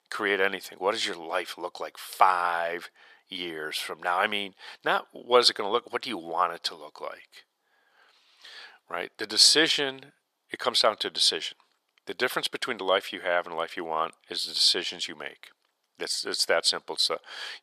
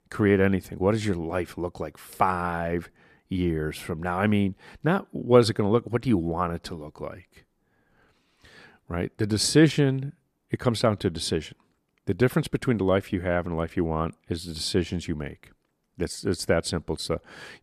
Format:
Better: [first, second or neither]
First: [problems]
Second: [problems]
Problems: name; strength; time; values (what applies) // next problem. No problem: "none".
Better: second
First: thin; very; fading below 750 Hz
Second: none